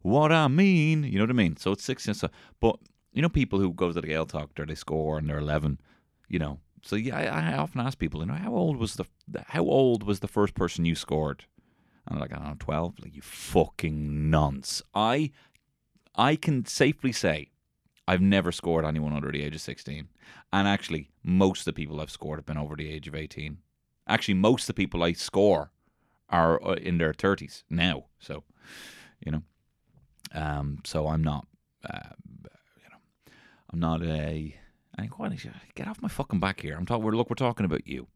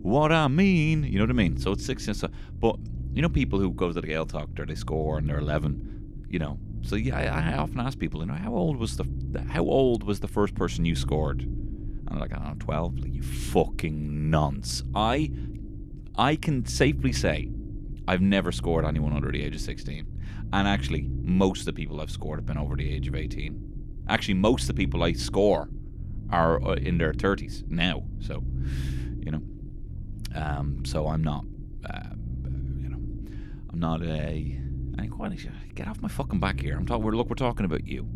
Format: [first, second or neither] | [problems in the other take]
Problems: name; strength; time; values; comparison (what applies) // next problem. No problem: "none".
first | low rumble; noticeable; throughout; 15 dB below the speech